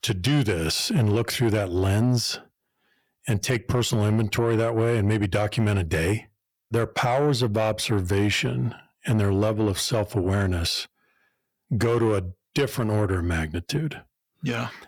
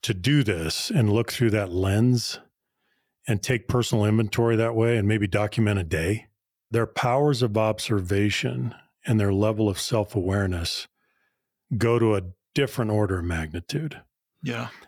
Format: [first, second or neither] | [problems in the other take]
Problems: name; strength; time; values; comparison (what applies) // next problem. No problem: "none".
second | distortion; slight; 10 dB below the speech